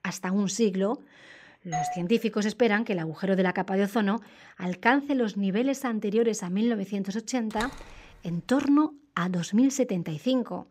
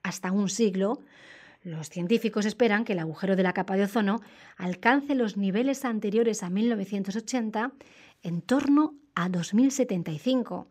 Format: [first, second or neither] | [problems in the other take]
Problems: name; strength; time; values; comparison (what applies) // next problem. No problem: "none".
second | doorbell; noticeable; at 1.5 s; peak 5 dB below the speech // door banging; faint; at 7.5 s; peak 10 dB below the speech